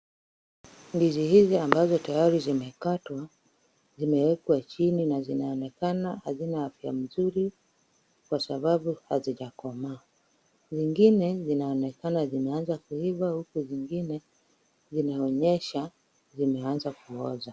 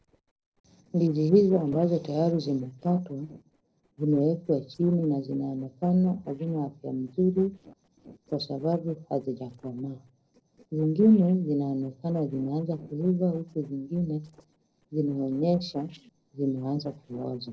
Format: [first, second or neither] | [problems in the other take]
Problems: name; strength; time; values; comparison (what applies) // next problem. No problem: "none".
first | noise reduction (neural separator model SepFormer DNS4)